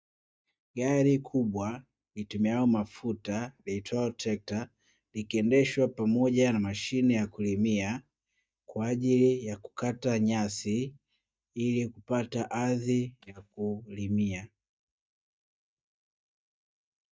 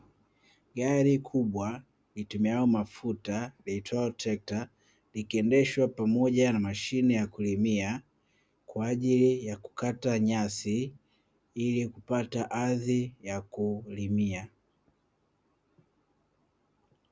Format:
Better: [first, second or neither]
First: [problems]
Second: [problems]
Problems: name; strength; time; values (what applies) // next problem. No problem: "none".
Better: second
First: noise reduction (neural mask model DeepFilterNet 3)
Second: none